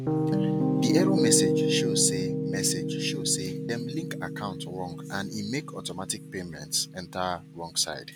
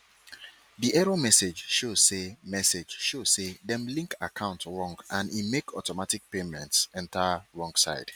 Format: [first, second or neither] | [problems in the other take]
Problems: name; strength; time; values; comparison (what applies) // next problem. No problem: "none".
second | background sound (Piano); 3 dB above the speech